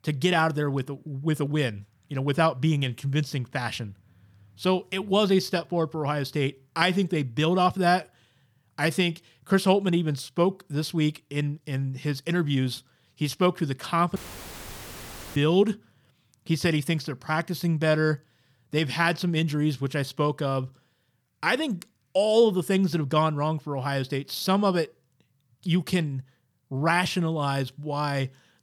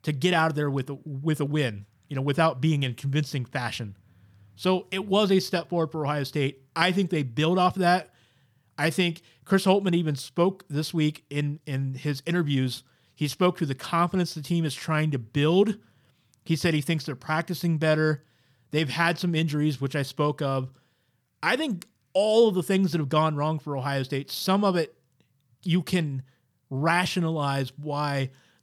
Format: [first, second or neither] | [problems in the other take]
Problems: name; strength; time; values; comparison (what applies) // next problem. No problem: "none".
second | audio cutting out; filled with static; at 14 s for 1 s